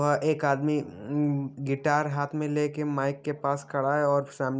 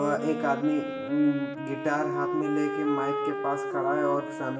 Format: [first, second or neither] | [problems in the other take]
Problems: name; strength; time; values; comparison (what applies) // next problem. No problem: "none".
first | background sound (Wind instrument, woodwind instrument); 3 dB below the speech // room echo; dies away in 0.8 s